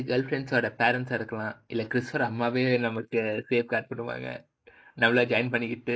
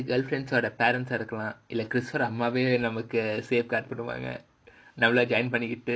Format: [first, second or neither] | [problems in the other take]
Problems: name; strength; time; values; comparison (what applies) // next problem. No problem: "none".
second | noise reduction (neural mask model Resemble Enhance denoiser)